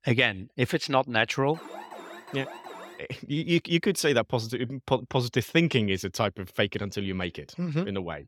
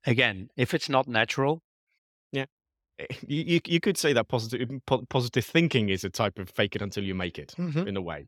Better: second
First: alarm; faint; from 1.5 to 3 s; peak 15 dB below the speech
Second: none

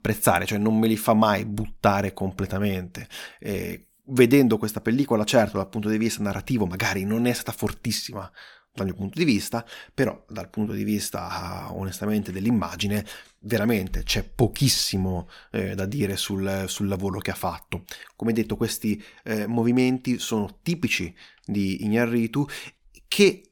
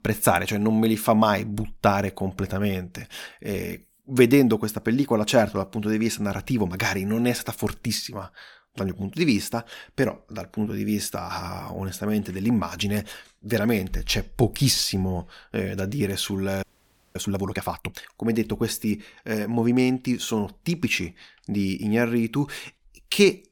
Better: first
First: none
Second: audio freezing; at 17 s for 0.5 s

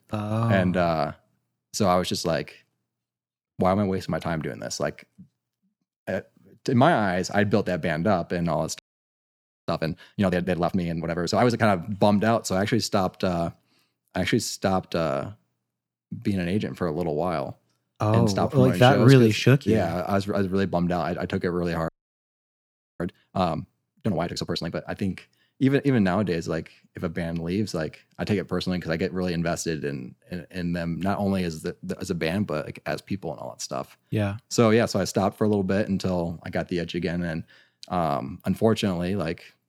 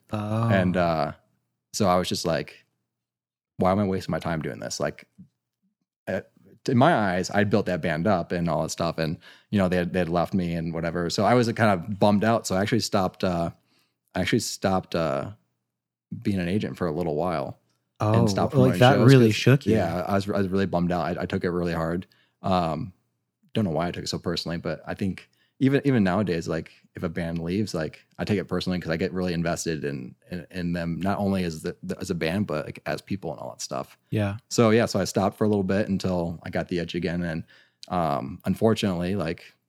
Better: second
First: audio freezing; at 9 s for 1 s and at 22 s for 1 s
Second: none

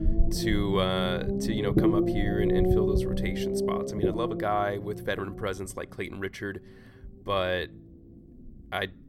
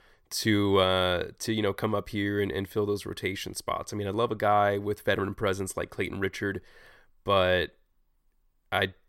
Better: second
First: low rumble; loud; throughout; as loud as the speech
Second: none

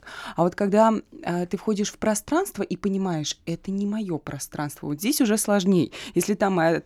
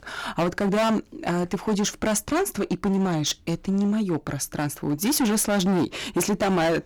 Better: first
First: none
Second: distortion; heavy; 19% of the sound clipped

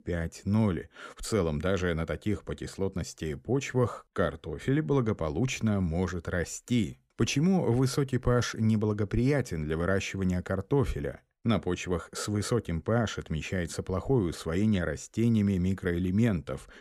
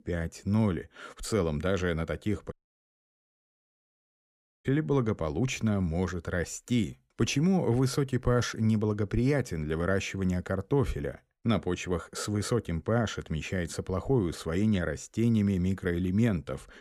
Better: first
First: none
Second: audio cutting out; at 2.5 s for 2 s

